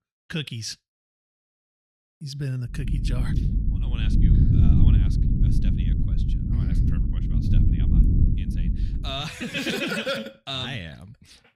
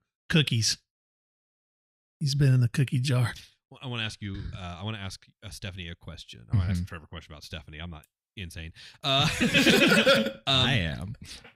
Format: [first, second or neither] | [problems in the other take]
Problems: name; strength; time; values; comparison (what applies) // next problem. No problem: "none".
second | low rumble; loud; from 3 to 9 s; 5 dB below the speech